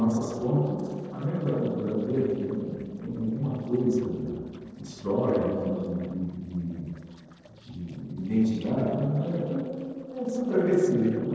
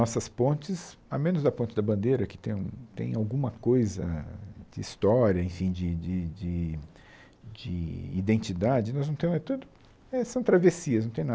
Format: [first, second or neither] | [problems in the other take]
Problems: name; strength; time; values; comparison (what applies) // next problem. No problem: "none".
second | noise reduction (neural separator model SepFormer DNS4)